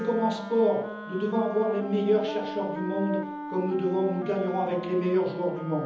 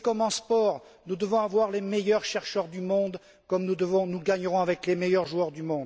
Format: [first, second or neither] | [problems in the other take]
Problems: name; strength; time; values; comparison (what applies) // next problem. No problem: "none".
second | background sound (Wind instrument, woodwind instrument); 10 dB below the speech // room echo; dies away in 1.3 s